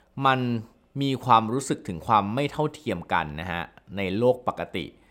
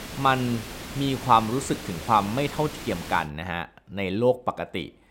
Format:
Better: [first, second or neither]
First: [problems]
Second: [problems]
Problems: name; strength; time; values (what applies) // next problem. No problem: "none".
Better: first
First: none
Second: hiss; noticeable; until 3 s; 10 dB below the speech